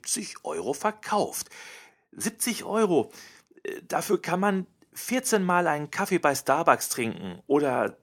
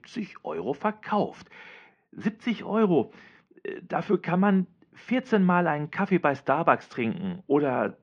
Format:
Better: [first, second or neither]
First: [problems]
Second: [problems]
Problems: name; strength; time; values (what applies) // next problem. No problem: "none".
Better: first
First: none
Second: muffled; very; fading above 3.5 kHz